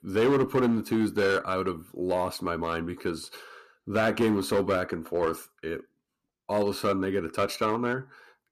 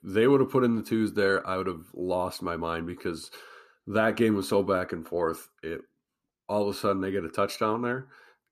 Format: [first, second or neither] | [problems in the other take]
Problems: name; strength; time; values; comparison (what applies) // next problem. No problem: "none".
second | distortion; slight; 5% of the sound clipped